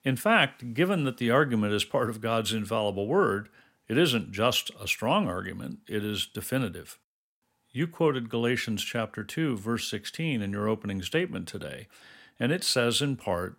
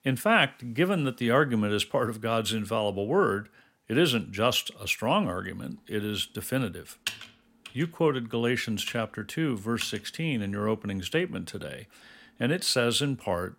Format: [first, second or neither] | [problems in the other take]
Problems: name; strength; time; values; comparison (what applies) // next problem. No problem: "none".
first | keyboard typing; noticeable; from 7 to 10 s; peak 7 dB below the speech